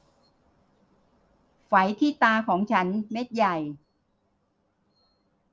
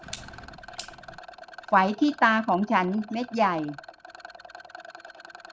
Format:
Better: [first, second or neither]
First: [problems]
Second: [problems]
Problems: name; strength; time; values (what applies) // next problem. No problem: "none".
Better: first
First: none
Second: background sound (Rattle + Clock); 16 dB below the speech